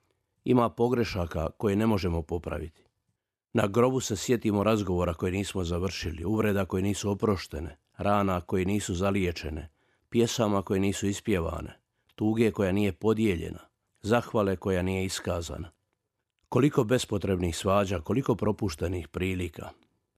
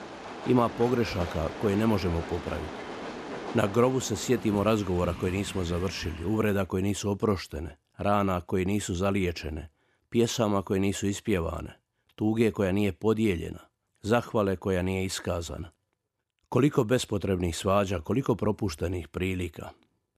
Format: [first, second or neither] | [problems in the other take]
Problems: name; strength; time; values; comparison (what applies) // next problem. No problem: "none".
first | train or aircraft noise; noticeable; until 6 s; 10 dB below the speech